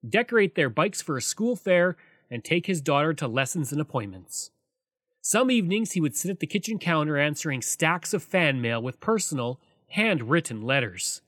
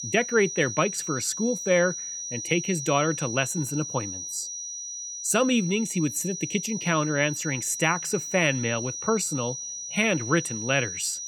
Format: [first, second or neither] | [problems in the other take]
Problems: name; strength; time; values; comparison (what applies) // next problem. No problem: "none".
first | high-pitched whine; loud; throughout; 6 kHz, 6 dB below the speech